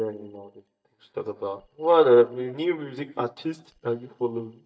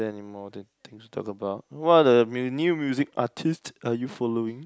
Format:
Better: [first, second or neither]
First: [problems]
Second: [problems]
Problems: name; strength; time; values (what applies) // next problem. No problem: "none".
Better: second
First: noise reduction (neural mask model DeepFilterNet 3)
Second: none